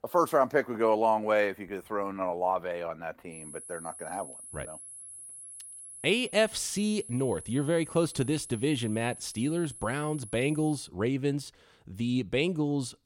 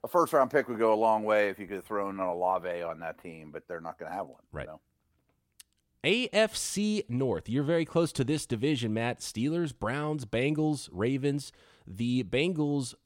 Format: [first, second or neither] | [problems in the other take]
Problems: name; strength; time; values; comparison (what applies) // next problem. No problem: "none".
second | high-pitched whine; noticeable; from 3.5 to 11 s; 10.5 kHz, 15 dB below the speech